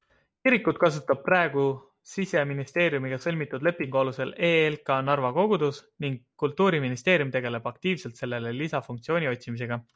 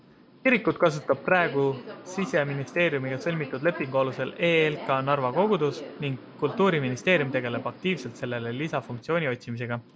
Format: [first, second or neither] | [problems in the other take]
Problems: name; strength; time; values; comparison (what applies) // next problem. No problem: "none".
first | background sound (Subway, metro, underground); 15 dB below the speech